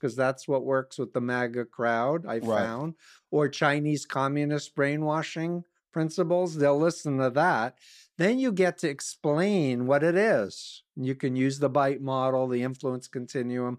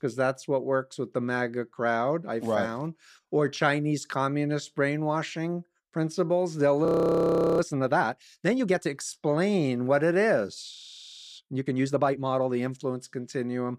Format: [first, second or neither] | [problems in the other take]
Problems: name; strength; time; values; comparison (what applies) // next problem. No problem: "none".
first | audio freezing; at 7 s for 0.5 s and at 11 s for 0.5 s